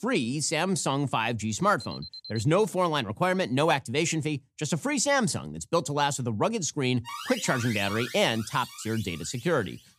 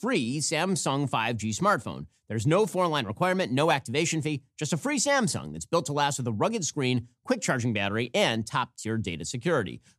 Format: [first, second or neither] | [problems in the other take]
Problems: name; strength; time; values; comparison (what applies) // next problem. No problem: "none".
second | alarm; faint; at 2 s; peak 15 dB below the speech // alarm; noticeable; from 7 s on; peak 7 dB below the speech